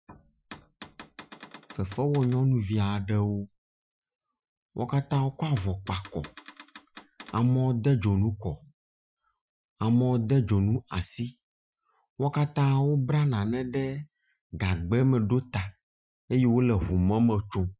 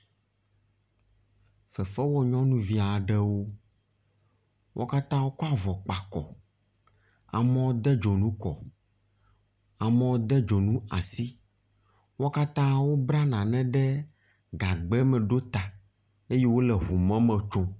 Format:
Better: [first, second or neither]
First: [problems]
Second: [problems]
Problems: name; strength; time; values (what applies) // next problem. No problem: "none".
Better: second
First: noise reduction (classical method Wiener filter)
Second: none